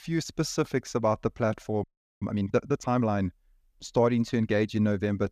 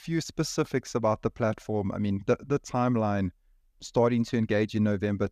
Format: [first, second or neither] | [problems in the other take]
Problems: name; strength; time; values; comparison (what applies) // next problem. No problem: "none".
second | audio freezing; at 2 s